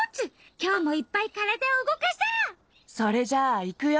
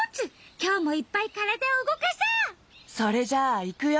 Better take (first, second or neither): second